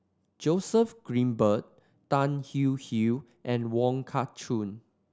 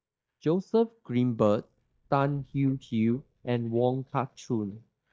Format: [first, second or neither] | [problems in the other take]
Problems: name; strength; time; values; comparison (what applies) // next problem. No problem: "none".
first | noise reduction (neural mask model DeepFilterNet 3)